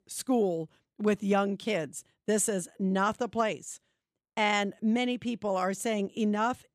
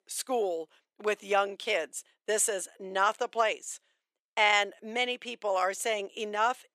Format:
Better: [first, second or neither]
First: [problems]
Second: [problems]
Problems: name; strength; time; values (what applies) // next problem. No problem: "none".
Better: first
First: none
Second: thin; very; fading below 450 Hz